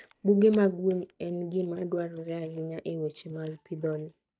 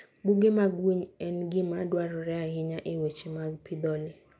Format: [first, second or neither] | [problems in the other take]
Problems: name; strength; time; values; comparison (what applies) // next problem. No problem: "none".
second | noise reduction (neural mask model DeepFilterNet 3)